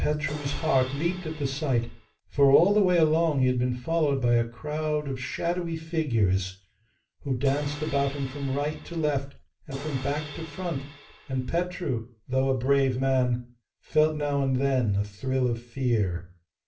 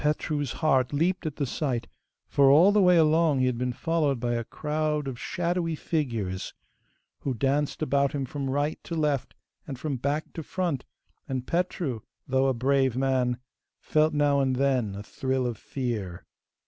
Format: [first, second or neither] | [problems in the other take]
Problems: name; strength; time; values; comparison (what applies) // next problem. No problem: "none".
second | background sound (Crash cymbal); 16 dB below the speech // room echo; dies away in 0.3 s